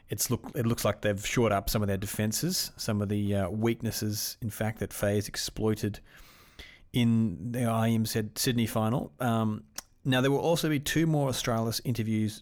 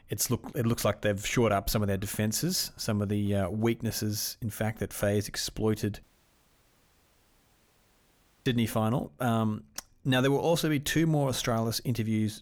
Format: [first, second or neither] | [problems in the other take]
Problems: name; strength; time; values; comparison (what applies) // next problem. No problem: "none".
first | audio cutting out; at 6 s for 2.5 s